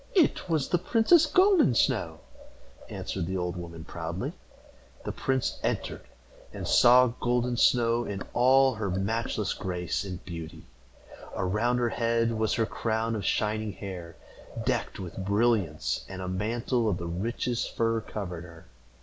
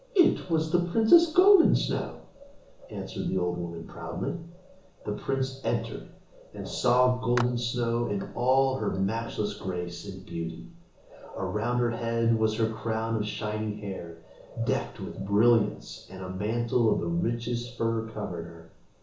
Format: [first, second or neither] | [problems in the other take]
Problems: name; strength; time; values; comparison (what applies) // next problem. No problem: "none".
first | background sound (Clapping); 14 dB below the speech // room echo; dies away in 0.8 s